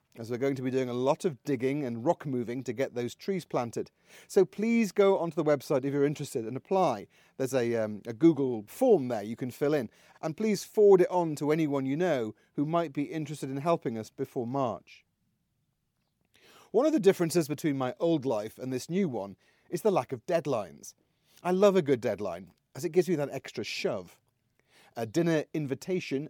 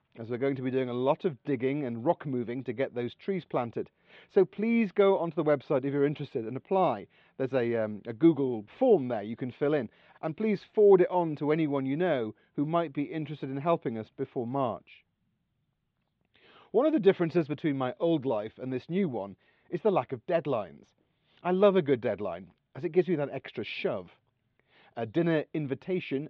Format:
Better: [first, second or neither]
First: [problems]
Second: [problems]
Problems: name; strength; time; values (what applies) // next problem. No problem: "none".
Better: first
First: none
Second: muffled; very; fading above 3.5 kHz